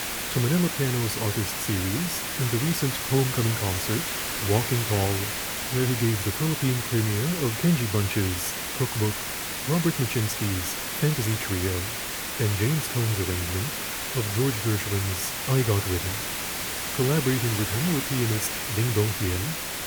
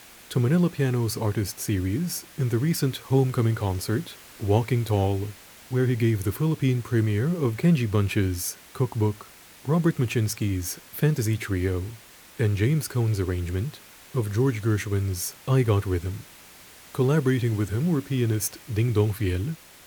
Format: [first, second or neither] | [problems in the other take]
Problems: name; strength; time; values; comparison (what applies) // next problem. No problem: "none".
second | hiss; loud; throughout; 1 dB below the speech; faint in the second